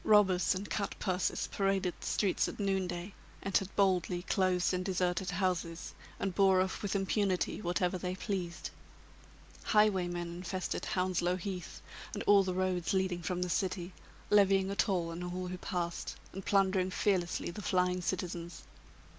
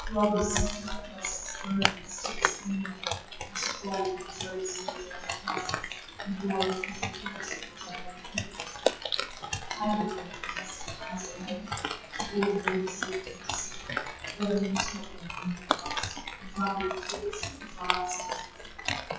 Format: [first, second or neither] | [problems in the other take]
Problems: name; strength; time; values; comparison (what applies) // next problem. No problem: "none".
first | noise reduction (classical method WPE with log-MMSE)